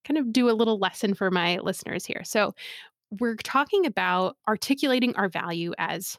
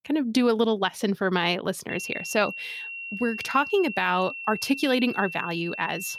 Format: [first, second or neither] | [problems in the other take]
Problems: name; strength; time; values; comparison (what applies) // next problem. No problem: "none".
first | high-pitched whine; loud; from 2 s on; 2.5 kHz, 9 dB below the speech